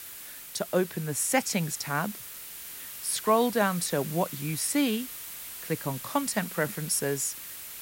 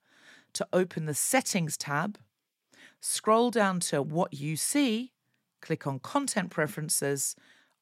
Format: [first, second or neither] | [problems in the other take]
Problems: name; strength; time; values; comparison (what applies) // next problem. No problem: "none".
second | hiss; loud; throughout; 10 dB below the speech